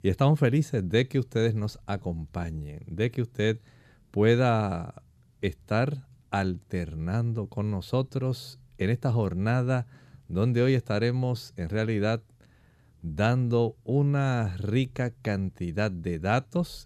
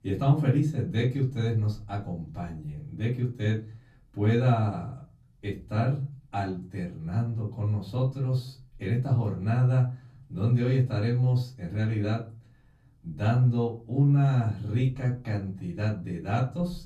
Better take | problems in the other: first | off-mic speech; far // room echo; slight; dies away in 0.3 s

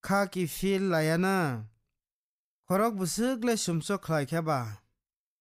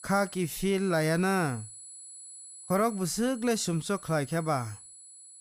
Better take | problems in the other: first | high-pitched whine; noticeable; throughout; 10 kHz, 15 dB below the speech

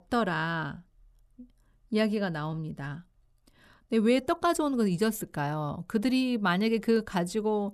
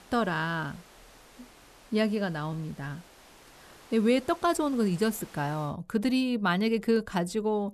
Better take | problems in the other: first | hiss; faint; until 5.5 s; 25 dB below the speech

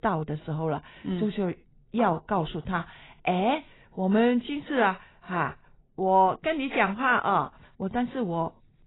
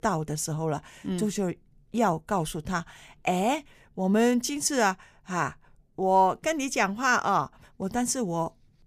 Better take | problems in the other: second | garbled, watery; badly; nothing above 4 kHz

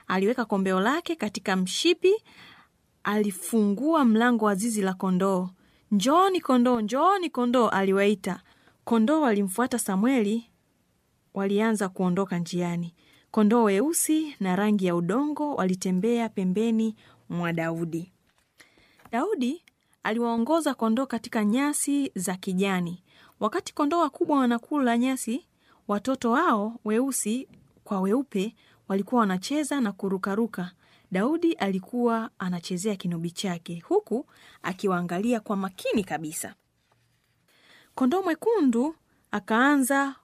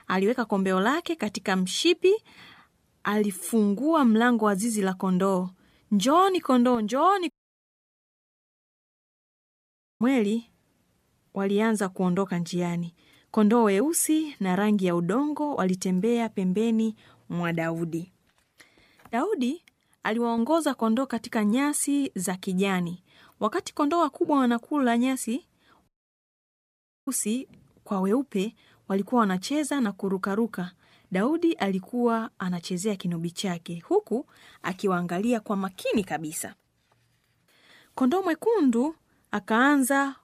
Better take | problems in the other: first | audio cutting out; at 7.5 s for 2.5 s and at 26 s for 1 s

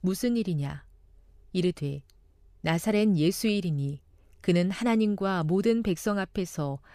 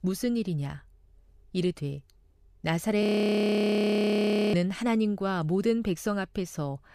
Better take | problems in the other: first | audio freezing; at 3 s for 1.5 s

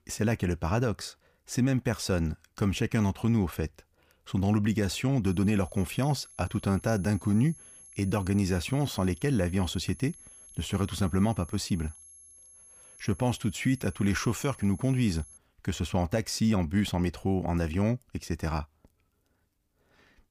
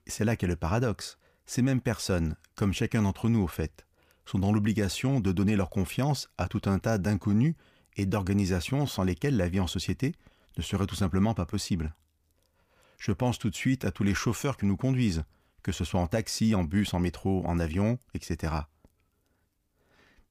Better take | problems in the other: second | high-pitched whine; faint; from 5.5 to 15 s; 11 kHz, 20 dB below the speech

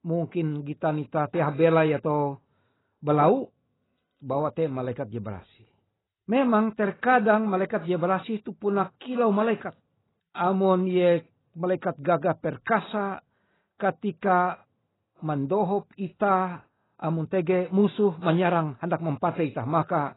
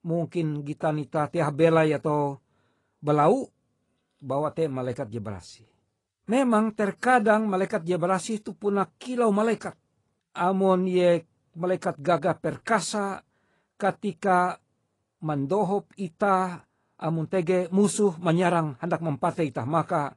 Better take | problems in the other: second | garbled, watery; badly; nothing above 4 kHz; slightly in the second

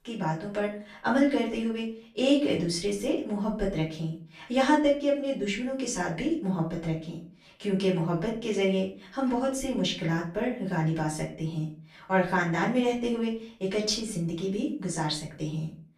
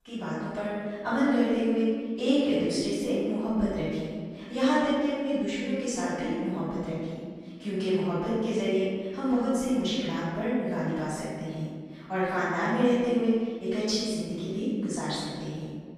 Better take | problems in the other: first | room echo; strong; dies away in 1.7 s; slight in the first // off-mic speech; far; far in the first

